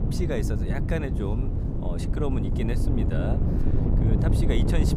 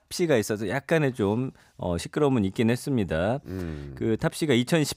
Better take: second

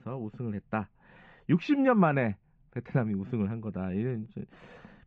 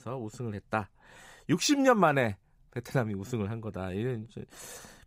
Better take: second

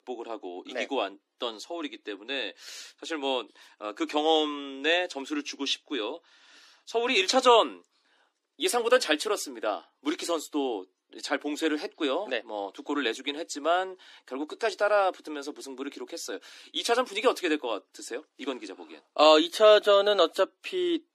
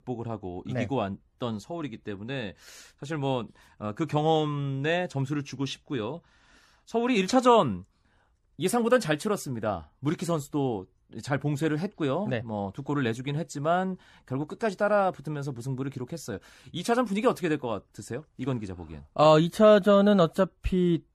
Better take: second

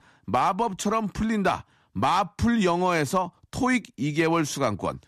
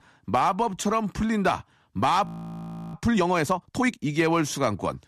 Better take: first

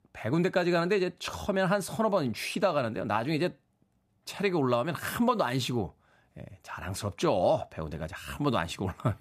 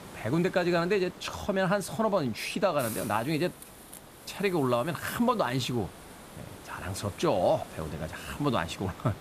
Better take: first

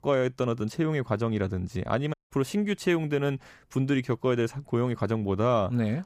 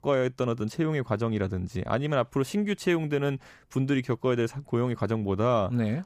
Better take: second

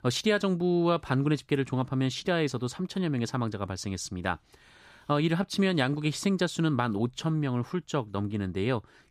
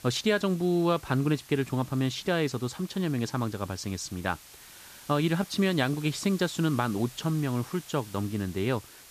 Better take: first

